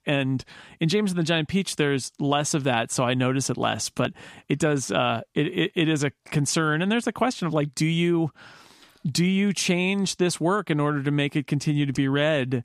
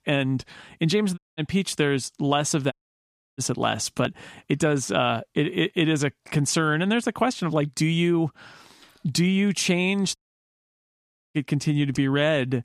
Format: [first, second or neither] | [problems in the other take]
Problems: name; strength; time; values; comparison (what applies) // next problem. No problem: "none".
first | audio cutting out; at 1 s, at 2.5 s for 0.5 s and at 10 s for 1 s